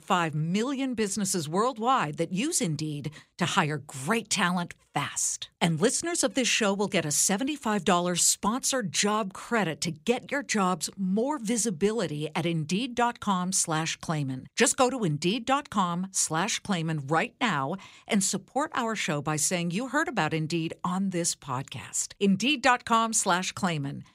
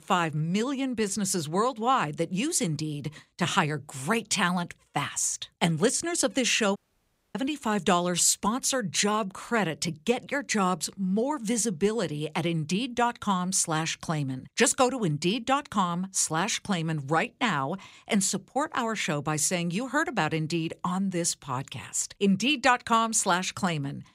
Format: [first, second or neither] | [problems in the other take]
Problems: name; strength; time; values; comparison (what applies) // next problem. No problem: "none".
first | audio cutting out; at 7 s for 0.5 s